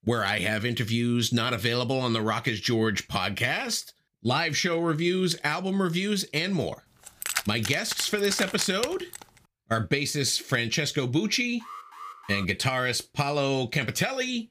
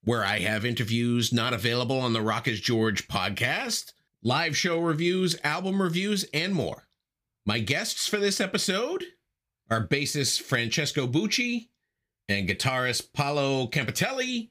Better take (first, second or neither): second